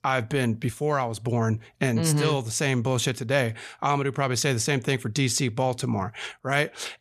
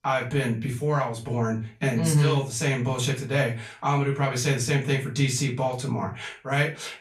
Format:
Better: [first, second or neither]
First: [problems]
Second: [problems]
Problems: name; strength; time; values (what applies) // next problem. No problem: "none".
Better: first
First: none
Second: off-mic speech; far // room echo; very slight; dies away in 0.3 s